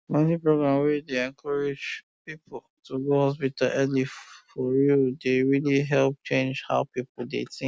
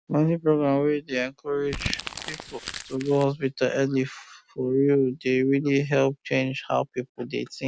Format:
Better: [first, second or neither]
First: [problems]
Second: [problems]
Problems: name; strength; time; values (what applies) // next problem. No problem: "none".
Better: first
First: none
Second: background sound (Crumpling, crinkling); 11 dB below the speech